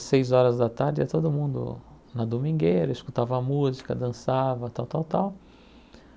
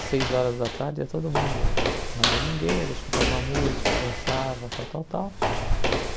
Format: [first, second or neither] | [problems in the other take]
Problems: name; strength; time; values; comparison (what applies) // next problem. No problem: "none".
first | background sound (Walk, footsteps); 3 dB above the speech